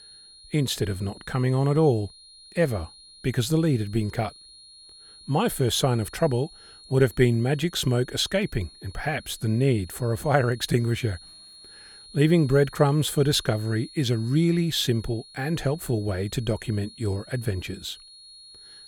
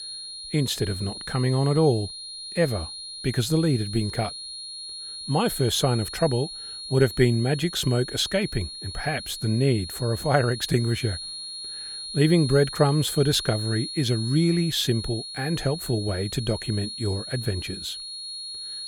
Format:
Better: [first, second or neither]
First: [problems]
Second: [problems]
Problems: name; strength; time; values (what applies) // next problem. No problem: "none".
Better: first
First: high-pitched whine; faint; throughout; 4.5 kHz, 20 dB below the speech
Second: high-pitched whine; loud; throughout; 4.5 kHz, 9 dB below the speech